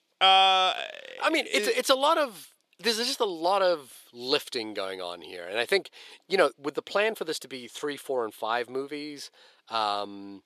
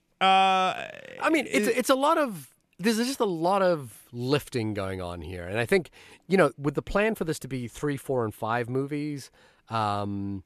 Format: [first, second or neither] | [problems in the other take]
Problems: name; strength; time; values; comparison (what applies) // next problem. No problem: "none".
second | thin; somewhat; fading below 450 Hz